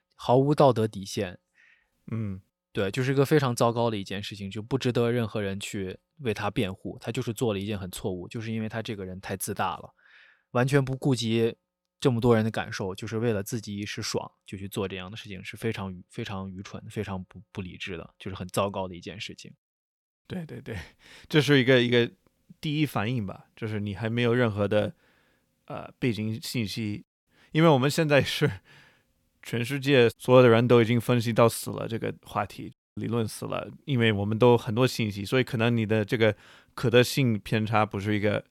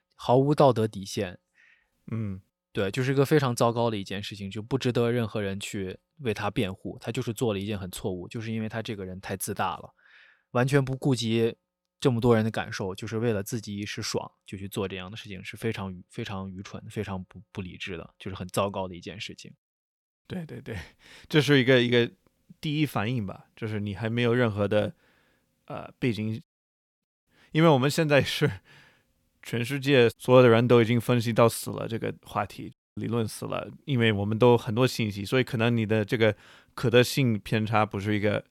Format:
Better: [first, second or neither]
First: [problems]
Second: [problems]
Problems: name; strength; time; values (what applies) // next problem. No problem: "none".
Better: first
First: none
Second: audio cutting out; at 26 s for 0.5 s